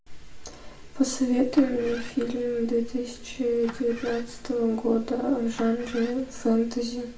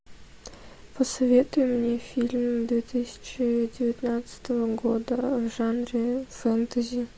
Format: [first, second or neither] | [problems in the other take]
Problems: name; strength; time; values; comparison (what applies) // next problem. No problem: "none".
second | background sound (Engine starting); 19 dB below the speech // room echo; dies away in 0.5 s